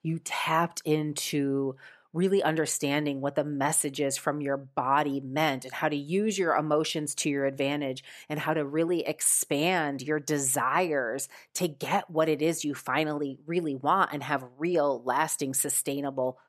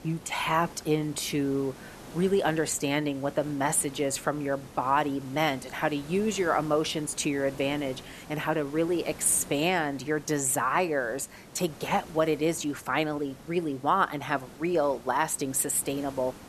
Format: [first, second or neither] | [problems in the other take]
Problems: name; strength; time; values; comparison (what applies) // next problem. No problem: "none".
first | hiss; noticeable; throughout; 20 dB below the speech